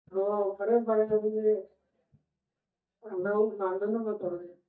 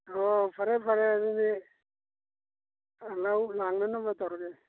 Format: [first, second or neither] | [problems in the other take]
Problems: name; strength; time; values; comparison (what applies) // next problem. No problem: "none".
second | noise reduction (neural mask model DeepFilterNet 3)